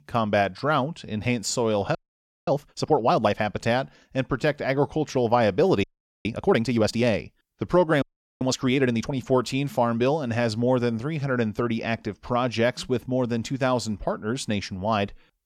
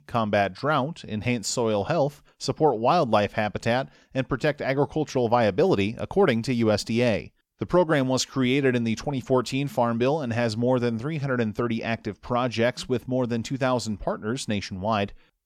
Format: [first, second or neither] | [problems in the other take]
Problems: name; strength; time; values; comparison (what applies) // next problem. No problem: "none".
second | audio freezing; at 2 s for 0.5 s, at 6 s and at 8 s